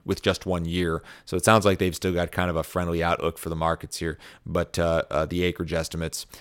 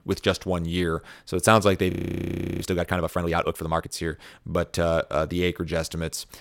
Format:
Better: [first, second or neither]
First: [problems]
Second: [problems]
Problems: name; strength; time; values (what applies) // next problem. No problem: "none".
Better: first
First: none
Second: audio freezing; at 2 s for 0.5 s